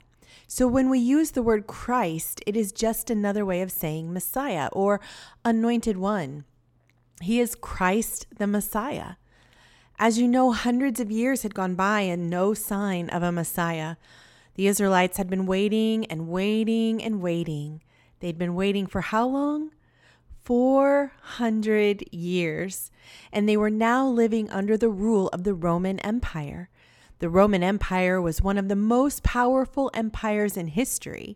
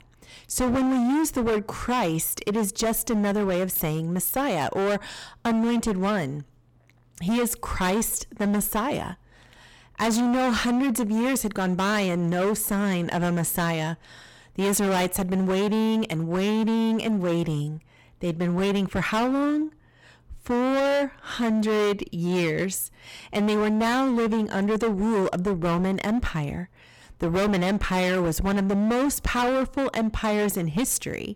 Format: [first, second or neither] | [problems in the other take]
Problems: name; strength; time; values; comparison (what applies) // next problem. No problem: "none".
first | distortion; heavy; 24% of the sound clipped